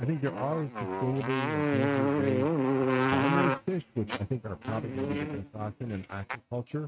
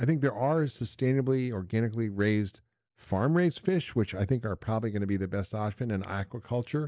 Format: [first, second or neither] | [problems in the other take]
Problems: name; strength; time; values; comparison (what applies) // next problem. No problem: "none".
second | noise reduction (neural mask model RNNoise)